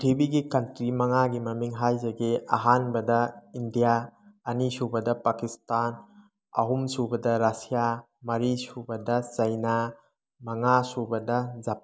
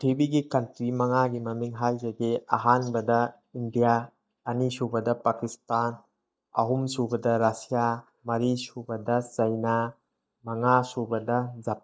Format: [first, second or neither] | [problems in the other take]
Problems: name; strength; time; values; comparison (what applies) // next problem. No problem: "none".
first | noise reduction (neural mask model DeepFilterNet 3)